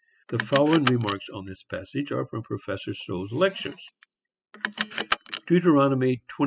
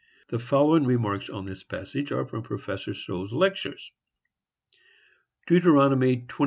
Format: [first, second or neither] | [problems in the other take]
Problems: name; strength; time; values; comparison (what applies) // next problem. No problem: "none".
second | noise reduction (classical method spectral subtraction)